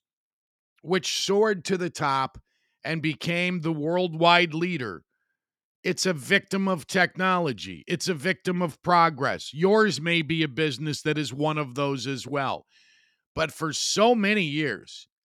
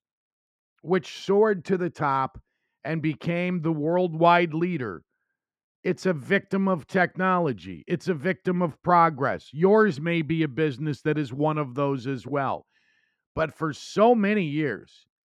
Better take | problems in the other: first | muffled; very; fading above 2.5 kHz

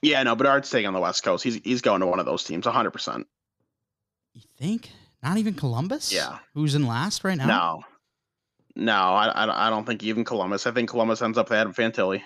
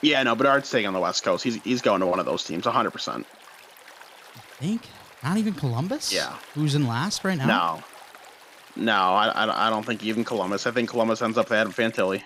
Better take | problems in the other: first | rain or running water; faint; throughout; 20 dB below the speech

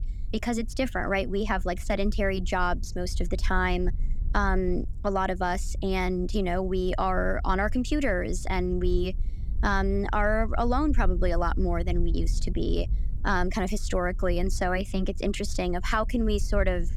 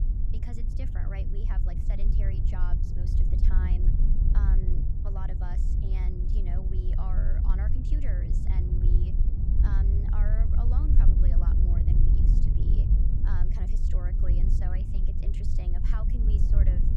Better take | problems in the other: first | wind noise on the microphone; heavy; 2 dB above the speech; occasional gusts in the first

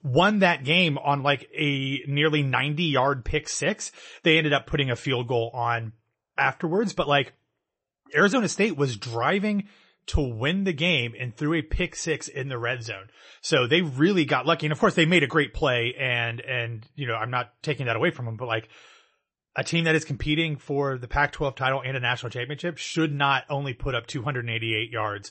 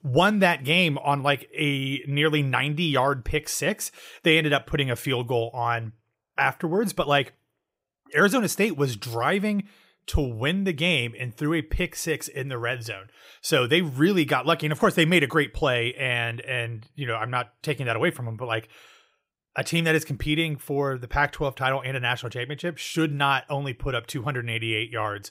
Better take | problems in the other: second | garbled, watery; slightly; nothing above 8 kHz

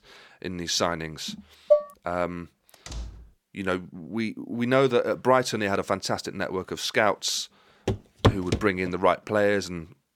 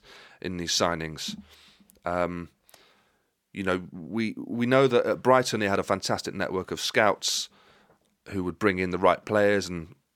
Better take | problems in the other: second | clattering dishes; loud; at 1.5 s; peak 3 dB above the speech // door banging; faint; at 3 s; peak 15 dB below the speech // footsteps; loud; at 8 s; peak 3 dB above the speech

